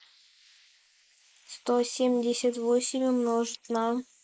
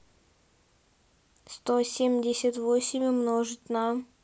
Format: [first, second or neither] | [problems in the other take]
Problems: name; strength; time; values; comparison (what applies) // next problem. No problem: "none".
second | noise reduction (neural mask model Resemble Enhance denoiser)